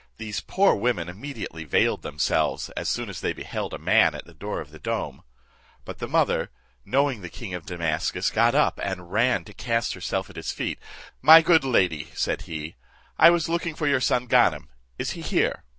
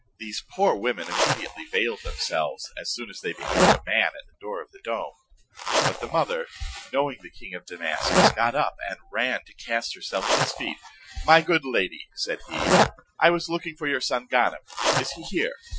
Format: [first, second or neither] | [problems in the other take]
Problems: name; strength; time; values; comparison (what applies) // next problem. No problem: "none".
first | noise reduction (classical method Wiener filter)